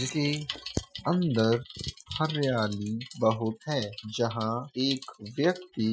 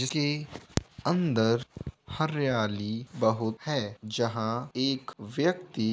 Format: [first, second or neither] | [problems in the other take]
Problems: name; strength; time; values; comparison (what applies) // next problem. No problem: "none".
second | noise reduction (classical method Wiener filter)